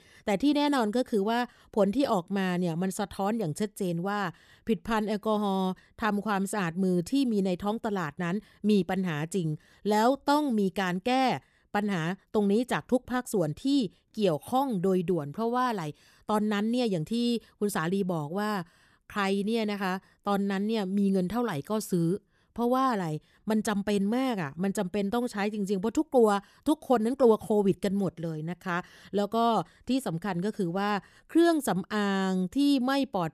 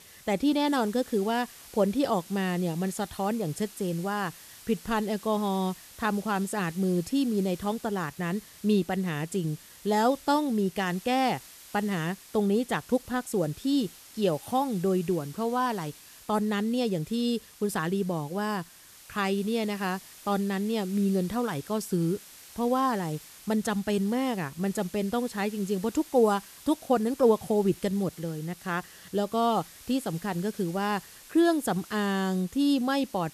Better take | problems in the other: first | hiss; noticeable; throughout; 20 dB below the speech

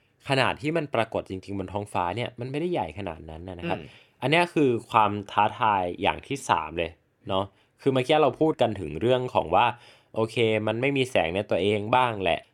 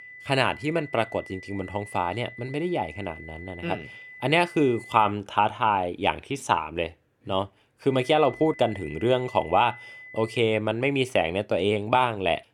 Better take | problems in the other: first | high-pitched whine; noticeable; until 5 s and from 8 to 10 s; 2 kHz, 15 dB below the speech

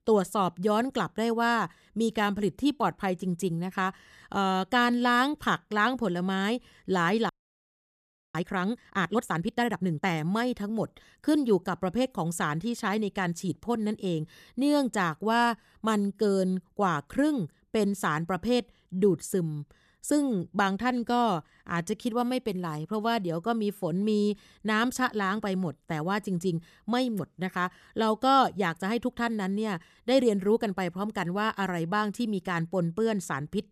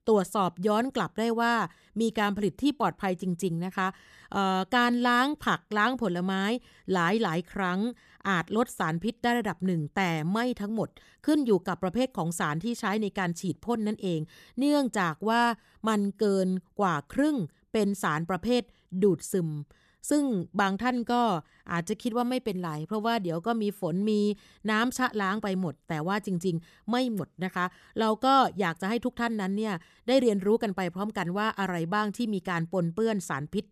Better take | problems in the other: second | audio freezing; at 7.5 s for 1 s

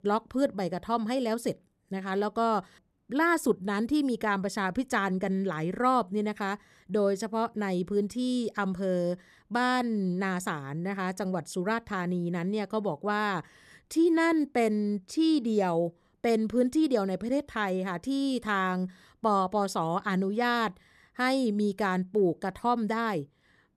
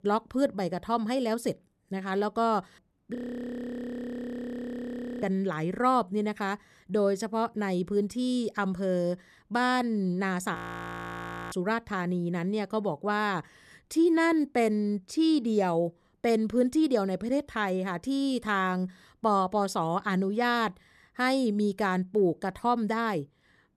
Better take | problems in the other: first | audio freezing; at 3 s for 2 s and at 11 s for 1 s

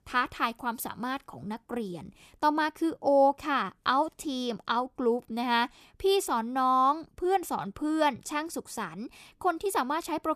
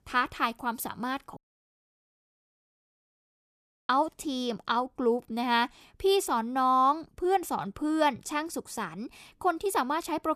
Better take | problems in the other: first | audio cutting out; at 1.5 s for 2.5 s

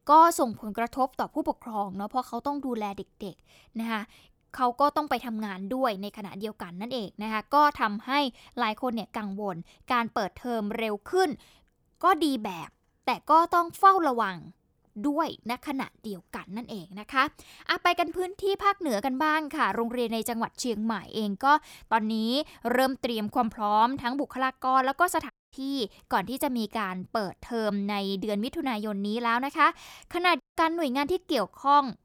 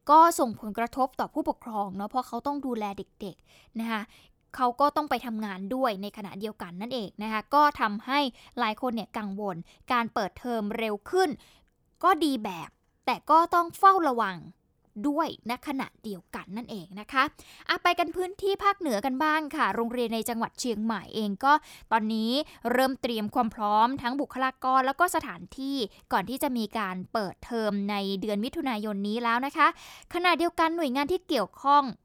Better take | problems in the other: second | audio cutting out; at 25 s and at 30 s

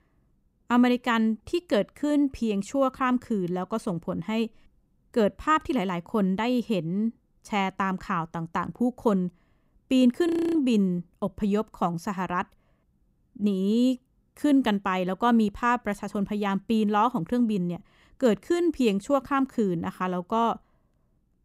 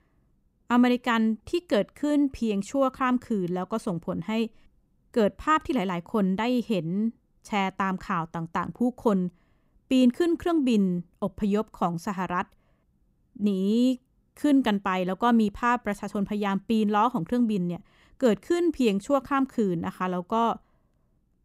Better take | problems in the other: second | audio freezing; at 10 s

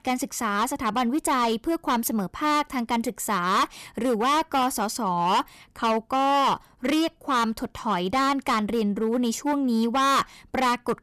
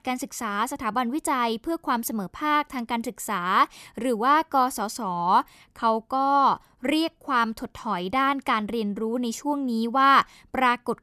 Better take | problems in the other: second | distortion; heavy; 13% of the sound clipped

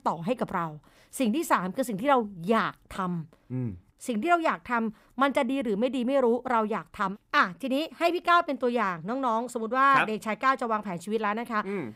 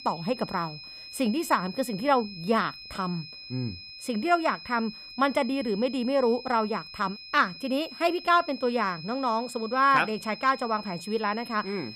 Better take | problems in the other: first | high-pitched whine; noticeable; throughout; 5 kHz, 15 dB below the speech

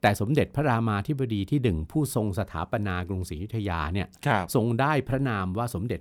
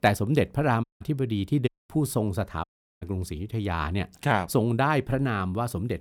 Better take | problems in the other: first | audio cutting out; at 1 s, at 1.5 s and at 2.5 s

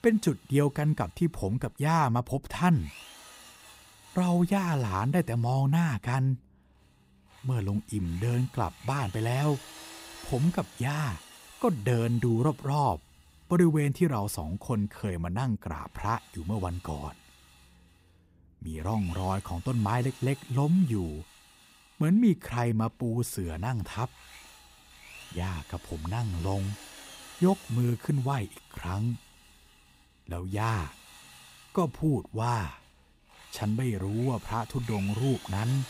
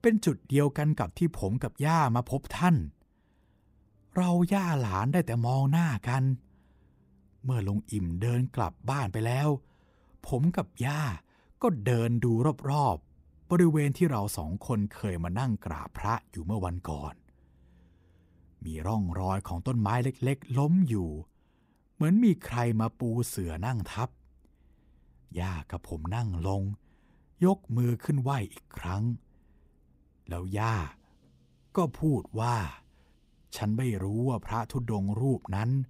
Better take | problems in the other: second | machinery noise; noticeable; throughout; 20 dB below the speech

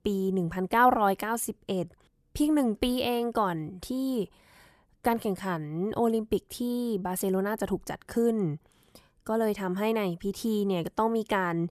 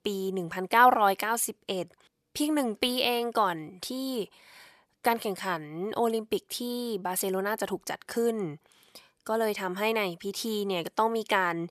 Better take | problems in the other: first | thin; very slightly; fading below 1 kHz

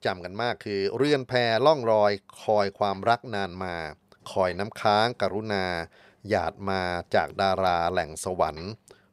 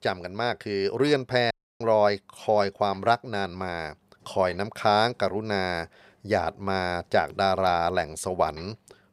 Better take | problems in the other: first | audio cutting out; at 1.5 s

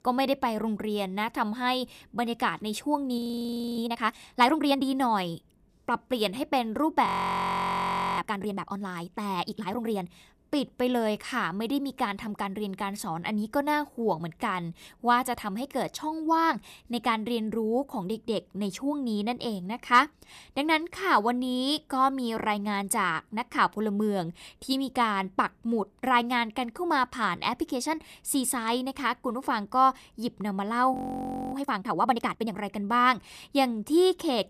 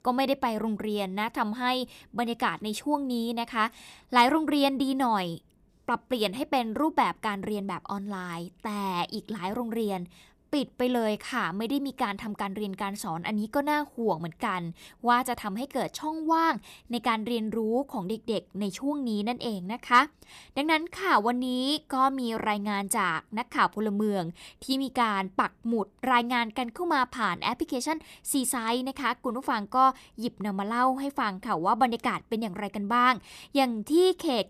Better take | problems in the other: second | audio freezing; at 3 s for 0.5 s, at 7 s for 1 s and at 31 s for 0.5 s

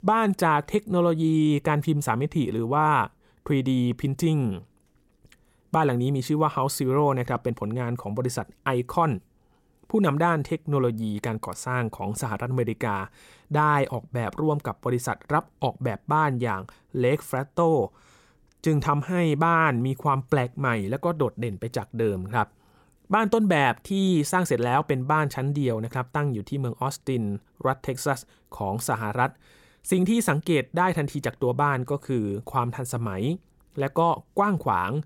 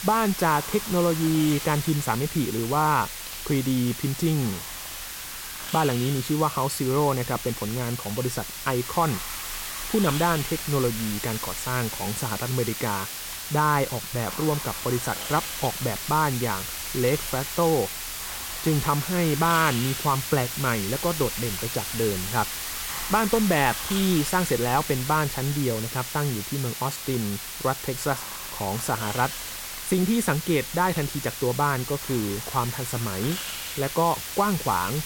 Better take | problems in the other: first | hiss; loud; throughout; 5 dB below the speech

